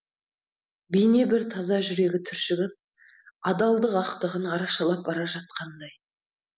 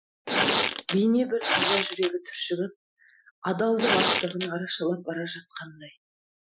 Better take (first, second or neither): first